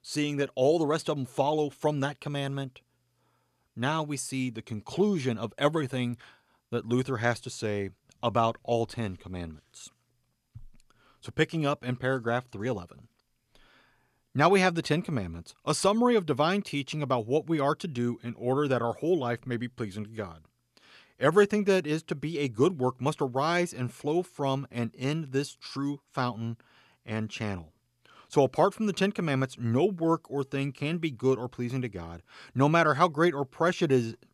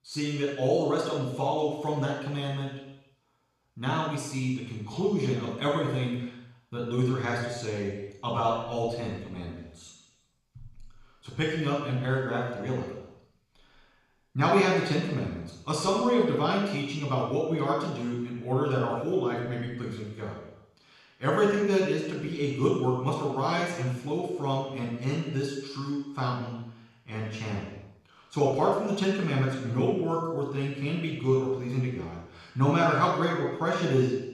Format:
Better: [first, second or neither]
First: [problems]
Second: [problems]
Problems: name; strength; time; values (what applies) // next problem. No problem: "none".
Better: first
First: none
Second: room echo; strong; dies away in 0.9 s // off-mic speech; far